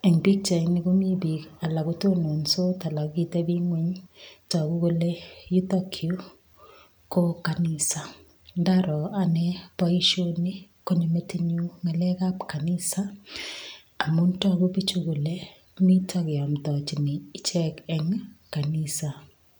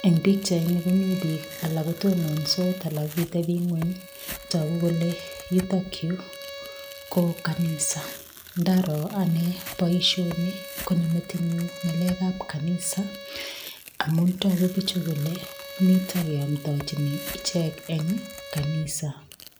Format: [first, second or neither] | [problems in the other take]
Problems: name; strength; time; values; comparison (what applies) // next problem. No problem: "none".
first | background sound (Bowed string instrument + Tearing); 14 dB below the speech